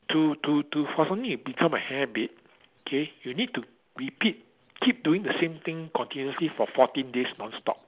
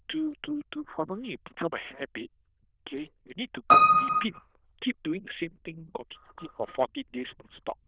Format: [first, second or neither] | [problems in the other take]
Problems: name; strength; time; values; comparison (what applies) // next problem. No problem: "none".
first | noise reduction (neural diffusion model UNIVERSE++)